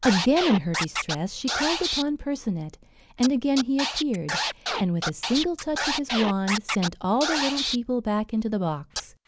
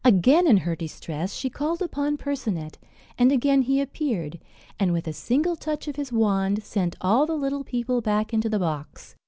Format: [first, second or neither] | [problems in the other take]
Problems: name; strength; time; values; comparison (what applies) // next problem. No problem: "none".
second | background sound (Scratching (performance technique)); 5 dB below the speech